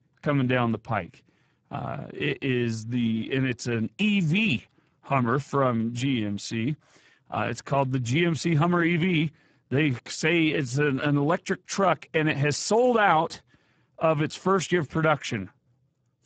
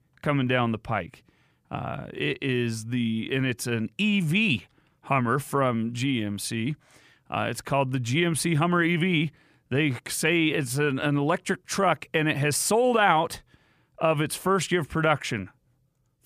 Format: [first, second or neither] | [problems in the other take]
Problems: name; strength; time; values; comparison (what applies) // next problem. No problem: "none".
second | garbled, watery; badly; nothing above 8 kHz